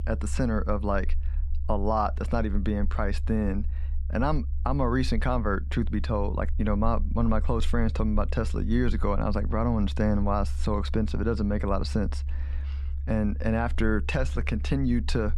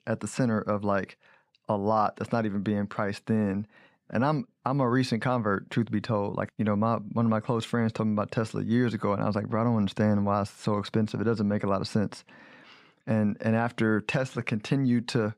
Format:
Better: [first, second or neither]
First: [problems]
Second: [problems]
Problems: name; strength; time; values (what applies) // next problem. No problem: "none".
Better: second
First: low rumble; faint; throughout; 20 dB below the speech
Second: none